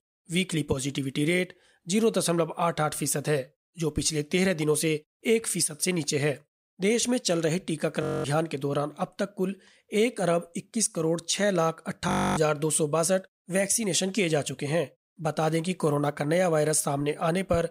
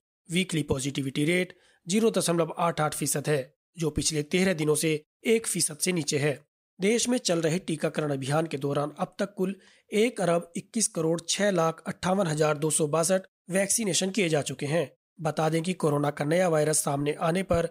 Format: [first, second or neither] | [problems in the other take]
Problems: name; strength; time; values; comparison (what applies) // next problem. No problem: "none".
second | audio freezing; at 8 s and at 12 s